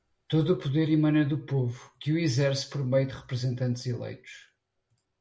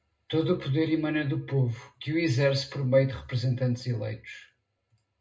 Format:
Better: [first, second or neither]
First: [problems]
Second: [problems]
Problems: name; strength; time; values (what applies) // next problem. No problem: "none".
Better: first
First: none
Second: room echo; dies away in 0.2 s